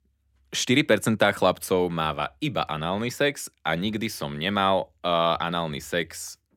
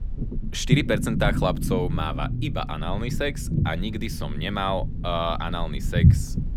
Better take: first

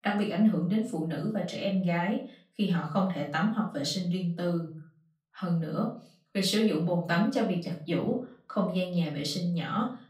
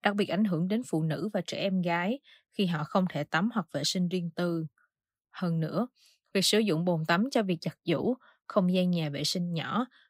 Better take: second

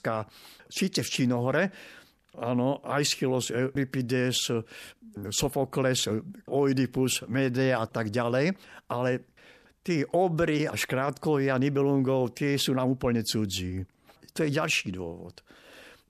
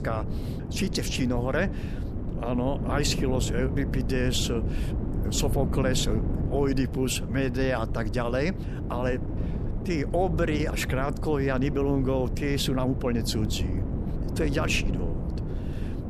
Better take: first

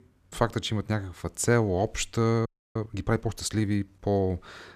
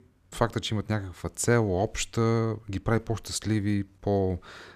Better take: second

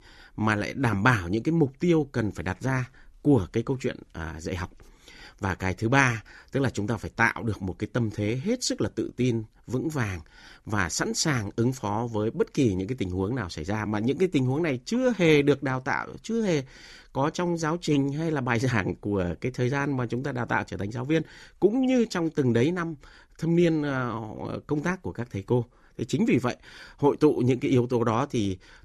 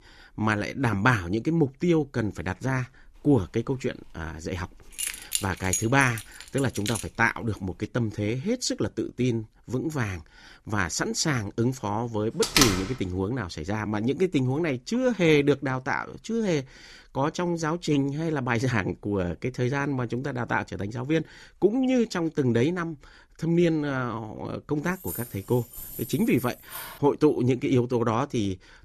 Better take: first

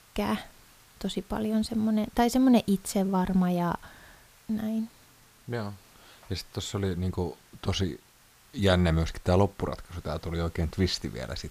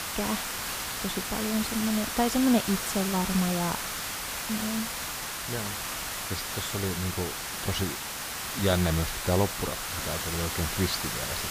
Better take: first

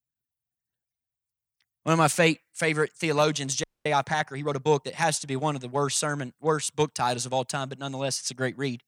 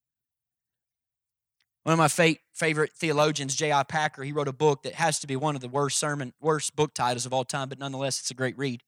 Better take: second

